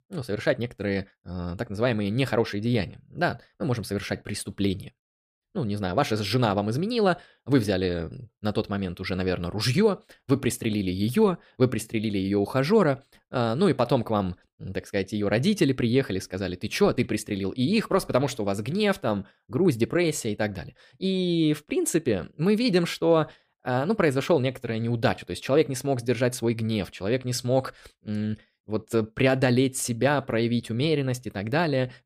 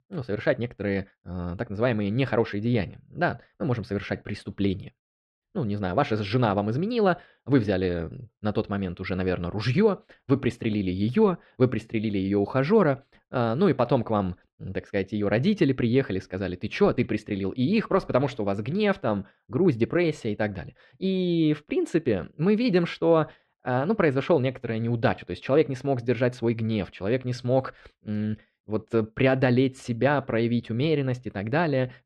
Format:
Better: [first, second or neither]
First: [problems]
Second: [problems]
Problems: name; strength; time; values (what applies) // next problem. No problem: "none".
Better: first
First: none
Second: muffled; slightly; fading above 3 kHz